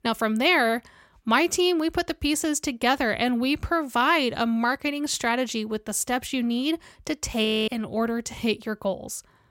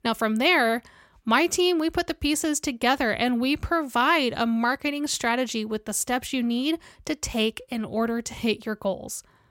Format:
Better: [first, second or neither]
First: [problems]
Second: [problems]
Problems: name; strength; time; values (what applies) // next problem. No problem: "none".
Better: second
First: audio freezing; at 7.5 s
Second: none